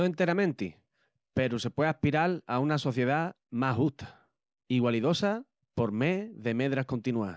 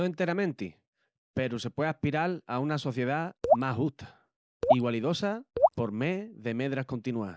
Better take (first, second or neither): first